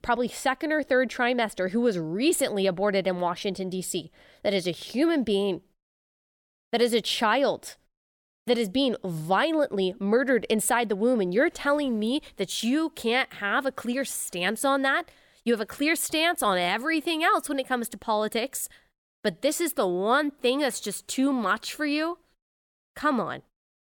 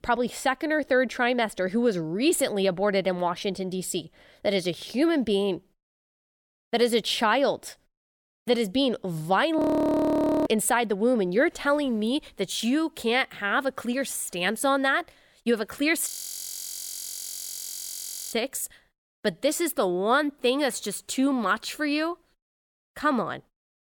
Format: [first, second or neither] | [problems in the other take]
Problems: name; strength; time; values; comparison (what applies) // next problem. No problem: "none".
first | audio freezing; at 9.5 s for 1 s and at 16 s for 2 s